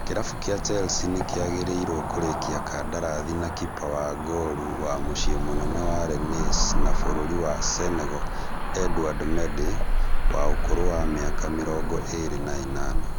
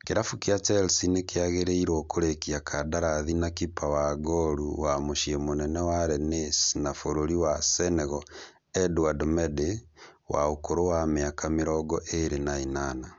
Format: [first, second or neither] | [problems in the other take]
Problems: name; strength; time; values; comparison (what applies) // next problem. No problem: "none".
second | background sound (Cricket / Motor vehicle (road)); 5 dB above the speech